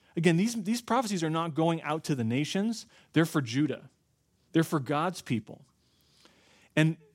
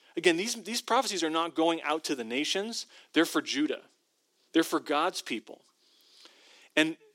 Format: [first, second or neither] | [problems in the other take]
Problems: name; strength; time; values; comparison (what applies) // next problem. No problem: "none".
first | thin; somewhat; fading below 350 Hz